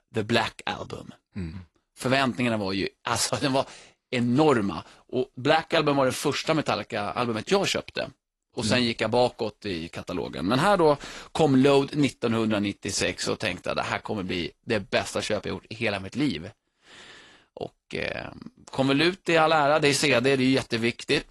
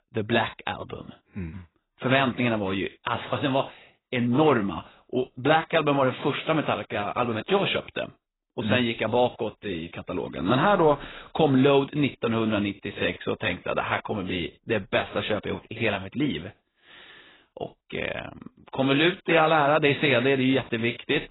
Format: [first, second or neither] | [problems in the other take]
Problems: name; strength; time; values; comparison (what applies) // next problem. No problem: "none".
first | garbled, watery; badly; nothing above 4 kHz; slightly in the first